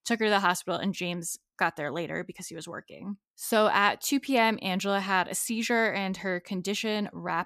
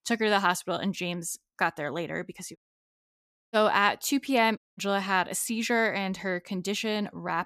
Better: first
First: none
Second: audio cutting out; at 2.5 s for 1 s and at 4.5 s

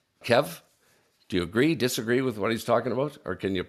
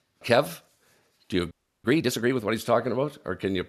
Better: first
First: none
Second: audio freezing; at 1.5 s

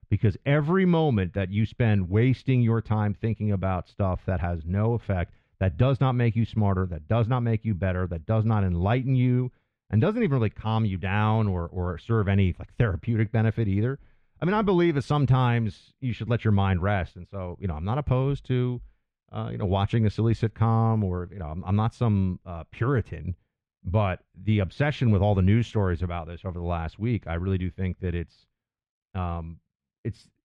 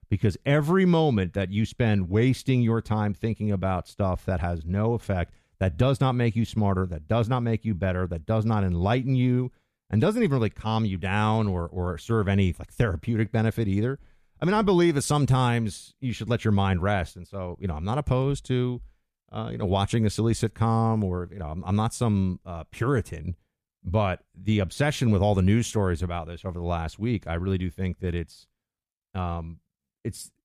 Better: second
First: muffled; slightly; fading above 2.5 kHz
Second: none

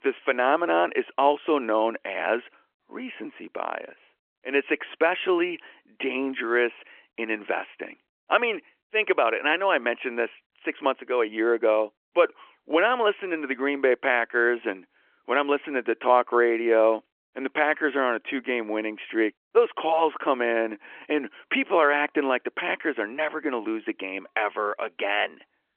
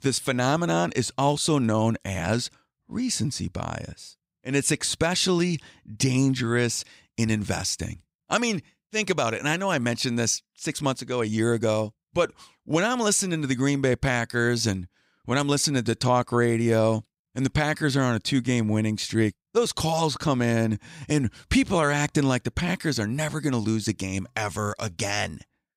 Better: second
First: phone-call audio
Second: none

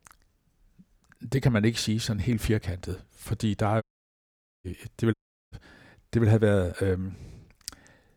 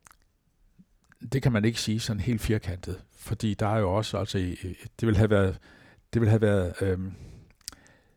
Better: second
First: audio cutting out; at 4 s for 1 s and at 5 s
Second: none

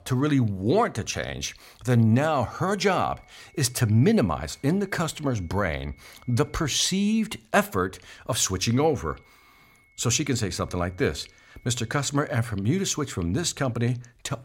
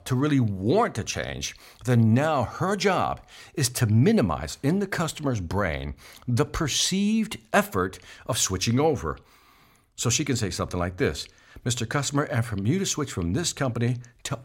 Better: second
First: high-pitched whine; faint; from 2.5 to 7.5 s and from 9 to 12 s; 2 kHz, 35 dB below the speech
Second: none

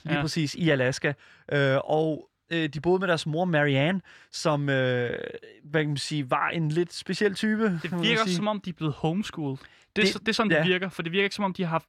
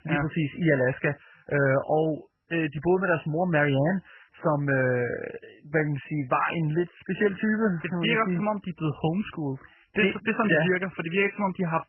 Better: first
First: none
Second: garbled, watery; badly; nothing above 3 kHz

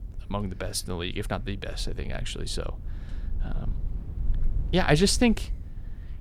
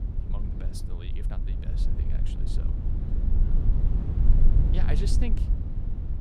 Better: first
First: low rumble; faint; throughout; 25 dB below the speech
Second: low rumble; loud; throughout; as loud as the speech

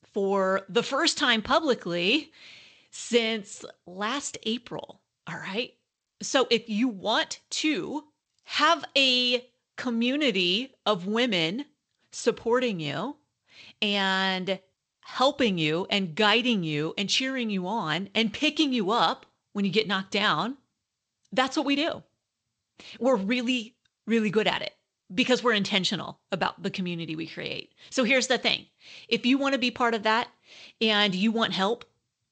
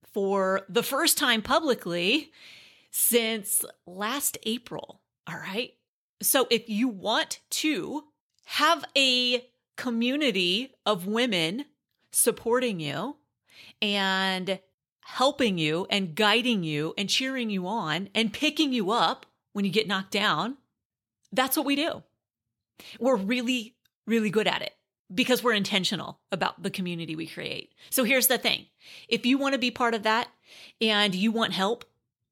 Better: second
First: garbled, watery; slightly; nothing above 8 kHz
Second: none

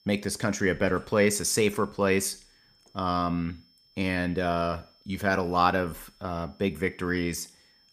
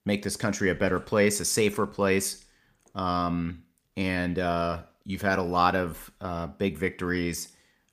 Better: second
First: high-pitched whine; faint; throughout; 5.5 kHz, 30 dB below the speech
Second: none

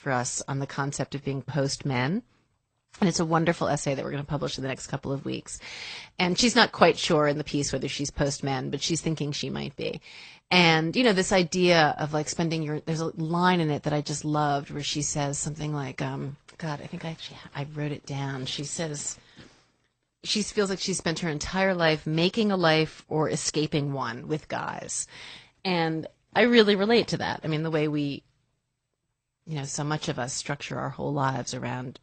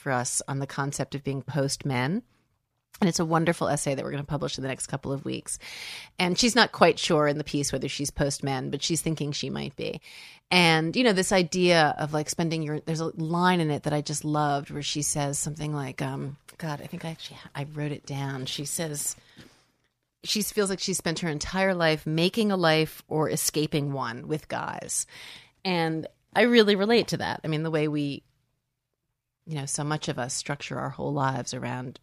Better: second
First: garbled, watery; slightly; nothing above 8.5 kHz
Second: none

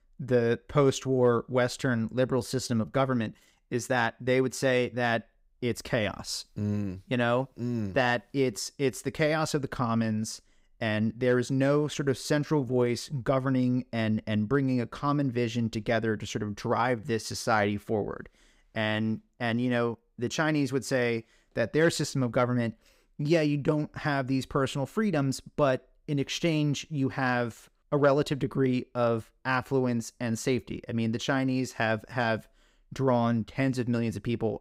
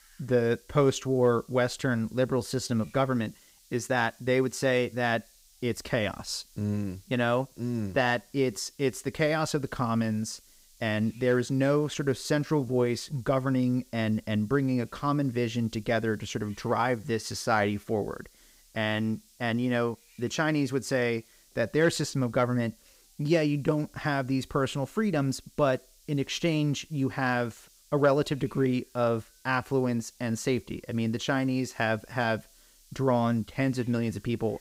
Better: first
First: none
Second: hiss; faint; throughout; 30 dB below the speech

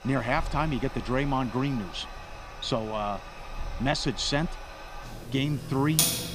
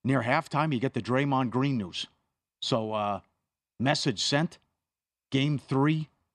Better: second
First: household noises; loud; throughout; 6 dB below the speech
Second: none

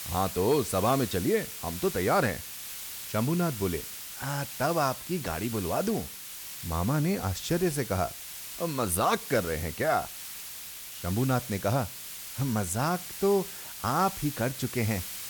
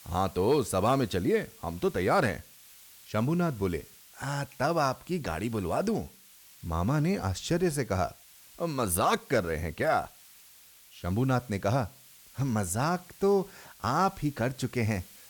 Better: second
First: hiss; loud; throughout; 8 dB below the speech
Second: hiss; faint; throughout; 20 dB below the speech

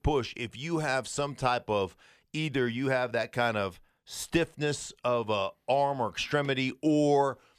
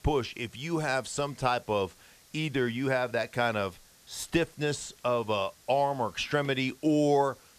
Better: first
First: none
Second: hiss; faint; throughout; 25 dB below the speech

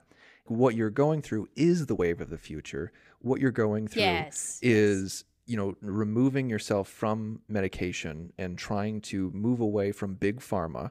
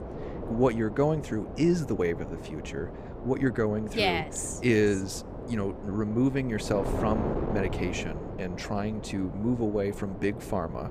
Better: first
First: none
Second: wind noise on the microphone; heavy; 9 dB below the speech

